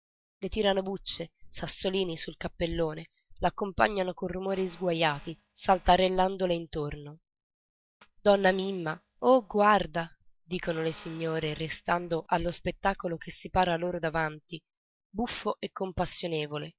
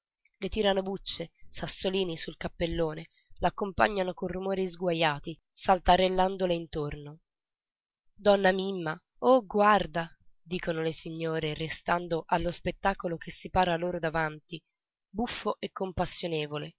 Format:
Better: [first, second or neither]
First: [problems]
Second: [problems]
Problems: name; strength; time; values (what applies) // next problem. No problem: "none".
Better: second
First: noise reduction (neural mask model DeepFilterNet 3)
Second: none